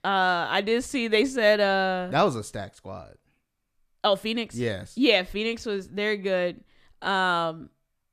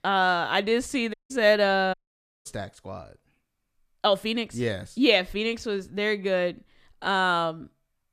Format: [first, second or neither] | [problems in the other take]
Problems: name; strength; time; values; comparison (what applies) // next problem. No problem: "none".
first | audio cutting out; at 1 s and at 2 s for 0.5 s